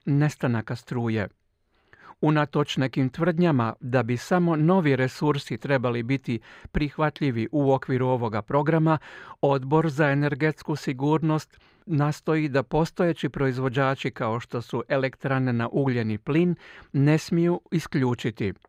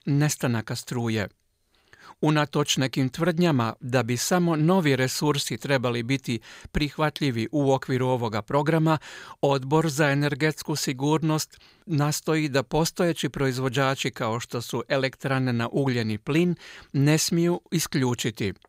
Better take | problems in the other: second | muffled; slightly; fading above 3.5 kHz

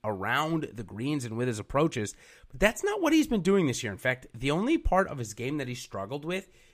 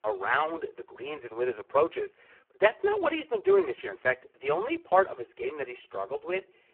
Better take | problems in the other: first | phone-call audio; poor line

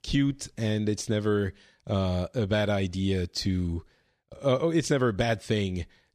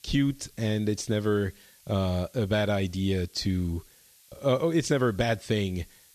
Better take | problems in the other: first | hiss; faint; throughout; 25 dB below the speech

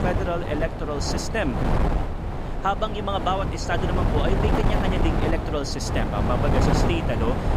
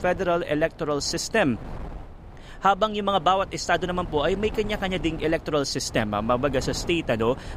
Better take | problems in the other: second | wind noise on the microphone; heavy; 2 dB below the speech; occasional gusts in the second

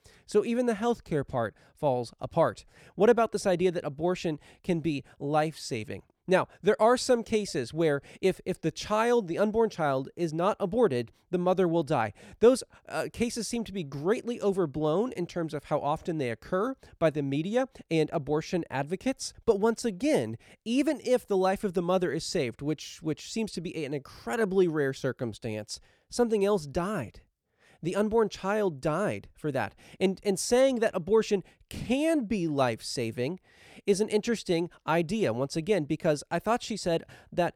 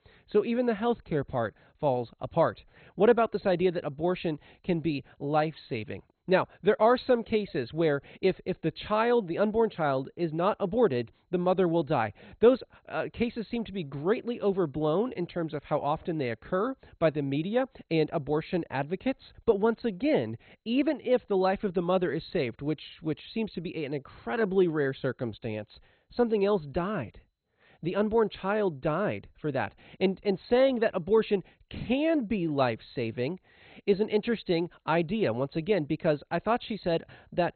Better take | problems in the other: first | garbled, watery; badly; nothing above 4 kHz

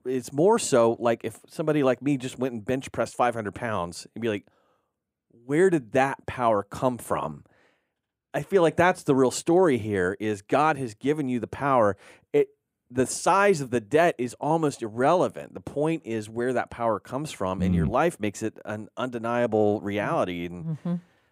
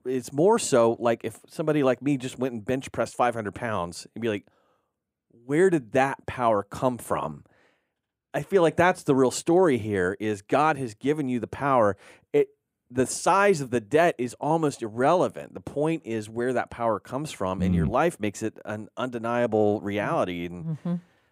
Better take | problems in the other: neither | none

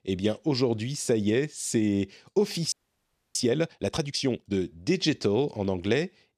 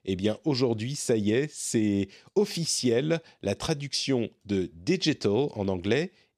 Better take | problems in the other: second | audio freezing; at 2.5 s for 0.5 s

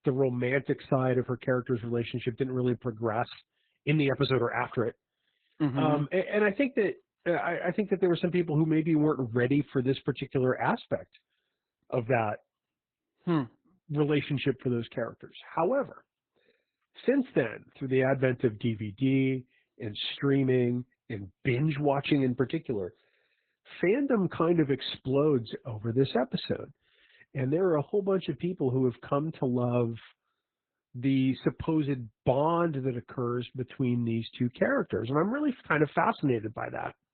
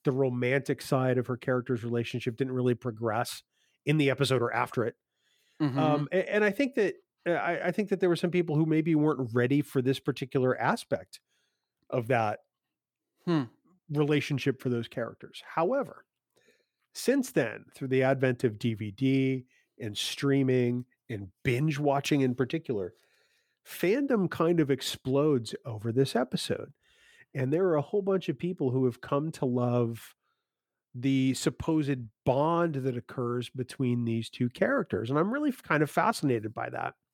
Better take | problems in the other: second | garbled, watery; badly; nothing above 4 kHz

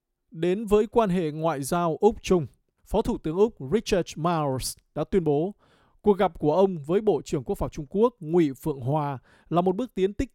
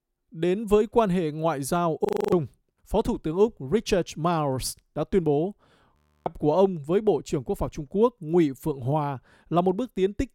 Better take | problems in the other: first | audio freezing; at 2 s and at 6 s

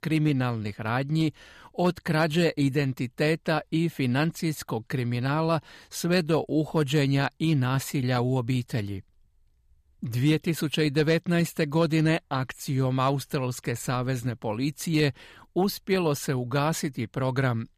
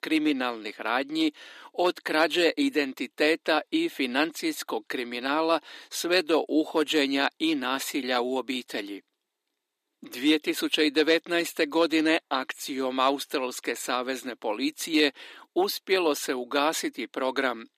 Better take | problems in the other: first | thin; somewhat; fading below 300 Hz

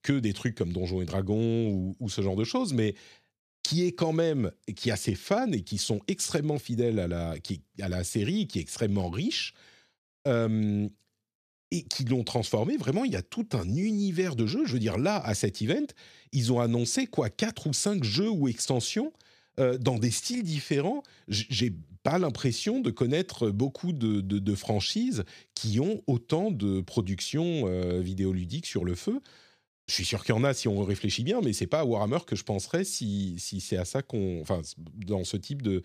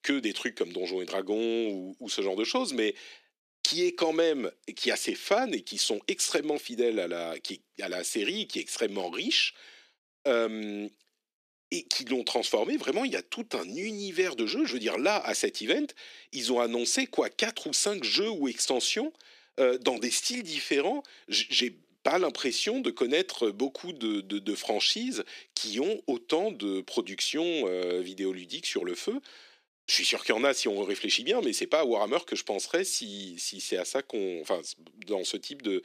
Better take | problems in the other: first | thin; somewhat; fading below 300 Hz

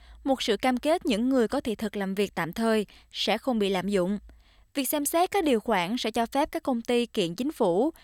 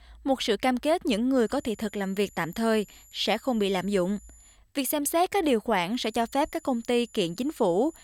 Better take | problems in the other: first | high-pitched whine; faint; from 1.5 to 4.5 s and from 6 s on; 7 kHz, 25 dB below the speech

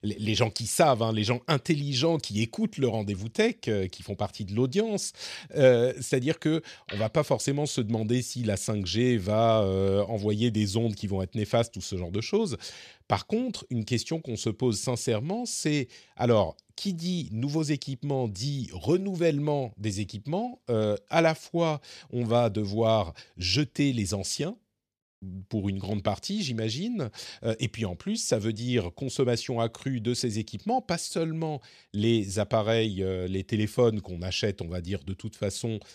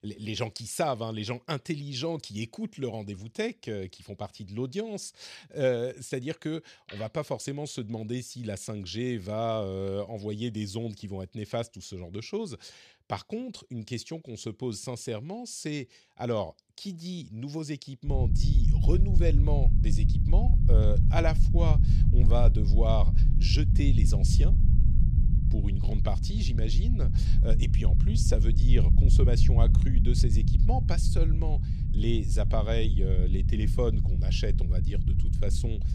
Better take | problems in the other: first | low rumble; loud; from 18 s on; 6 dB below the speech

